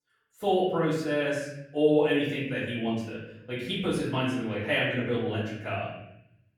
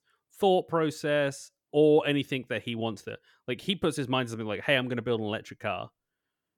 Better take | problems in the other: second | off-mic speech; far // room echo; noticeable; dies away in 0.9 s

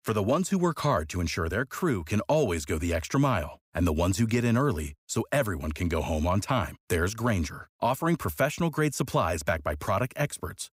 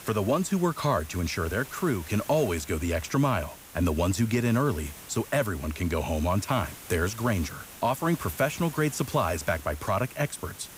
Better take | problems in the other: first | hiss; noticeable; throughout; 15 dB below the speech

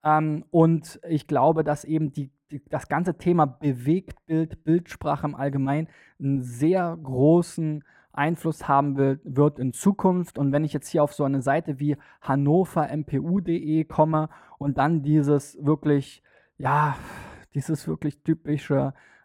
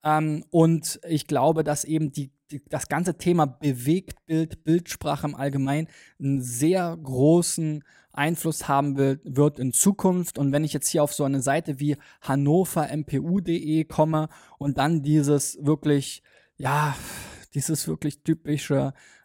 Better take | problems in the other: second | muffled; very; fading above 3 kHz

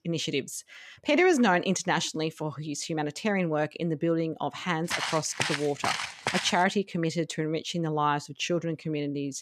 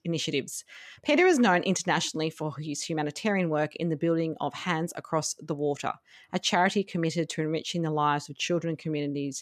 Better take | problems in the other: second | footsteps; noticeable; from 5 to 6.5 s; peak 2 dB below the speech

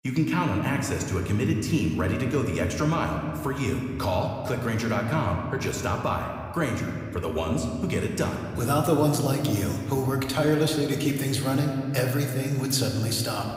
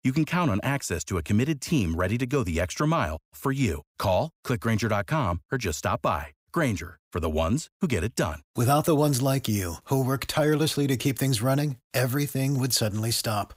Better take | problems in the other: second | room echo; slight; dies away in 1.8 s

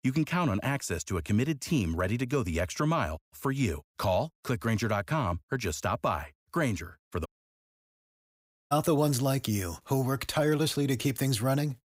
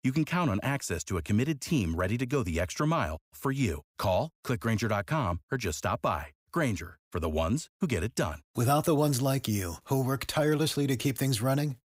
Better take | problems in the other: second | audio cutting out; at 7.5 s for 1.5 s

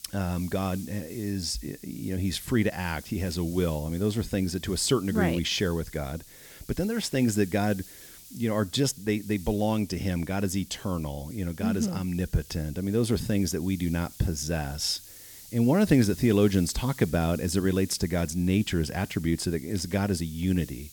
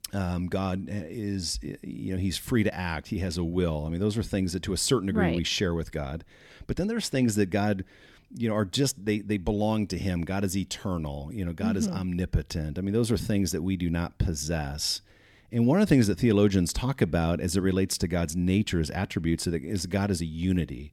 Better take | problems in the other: second | hiss; noticeable; throughout; 20 dB below the speech

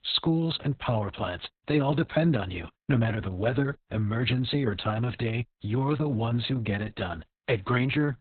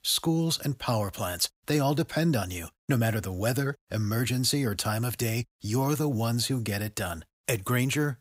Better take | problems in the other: second | garbled, watery; badly; nothing above 4 kHz

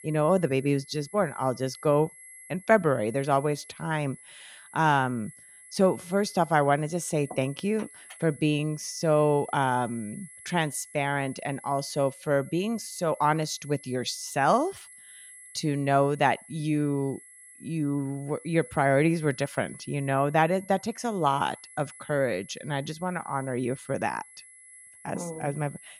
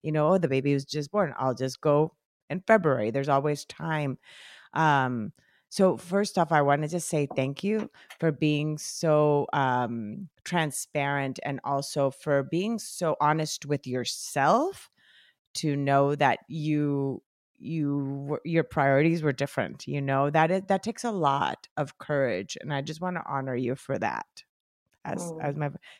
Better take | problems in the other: second | high-pitched whine; noticeable; throughout; 11 kHz, 20 dB below the speech

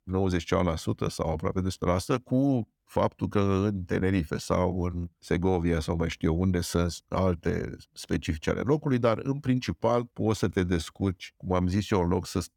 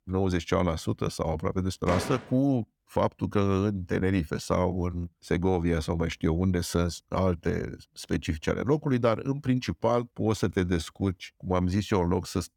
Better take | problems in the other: first | door banging; noticeable; at 2 s; peak 6 dB below the speech

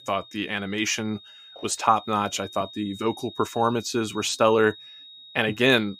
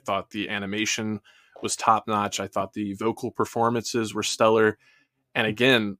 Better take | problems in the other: second | high-pitched whine; noticeable; throughout; 4 kHz, 20 dB below the speech

